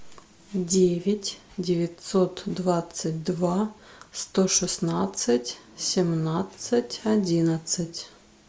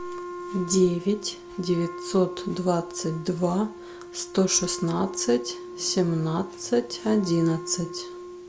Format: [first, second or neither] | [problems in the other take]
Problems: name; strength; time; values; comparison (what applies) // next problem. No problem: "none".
first | background sound (Wind instrument, woodwind instrument); 12 dB below the speech